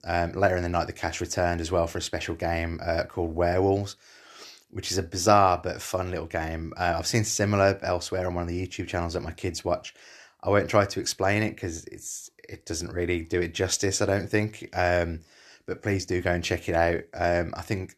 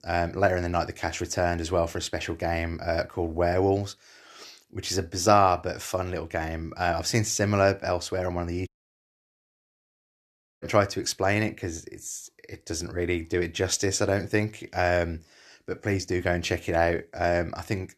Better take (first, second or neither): first